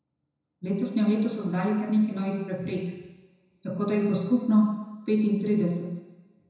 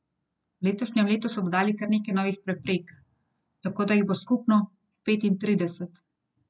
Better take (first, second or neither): second